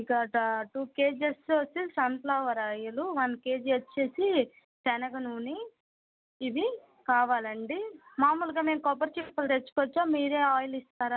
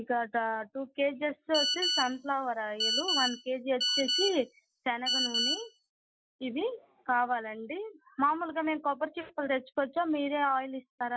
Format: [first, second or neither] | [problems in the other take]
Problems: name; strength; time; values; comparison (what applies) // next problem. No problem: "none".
first | noise reduction (classical method Wiener filter)